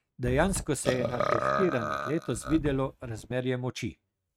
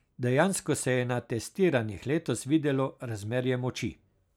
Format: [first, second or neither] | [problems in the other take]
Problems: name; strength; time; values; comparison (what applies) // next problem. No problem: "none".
second | noise reduction (neural mask model RNNoise)